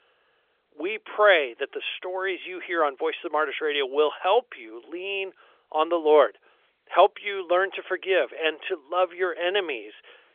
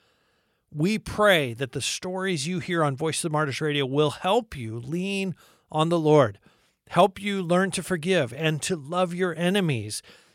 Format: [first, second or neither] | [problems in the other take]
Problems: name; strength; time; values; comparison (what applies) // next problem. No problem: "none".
second | phone-call audio; nothing above 3.5 kHz